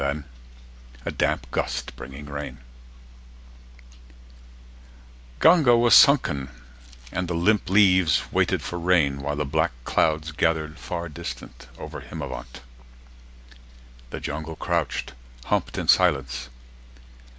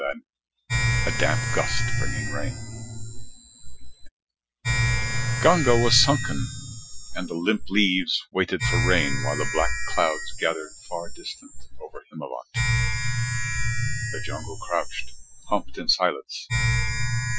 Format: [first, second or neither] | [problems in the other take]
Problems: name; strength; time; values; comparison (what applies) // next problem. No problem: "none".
first | noise reduction (classical method Wiener filter)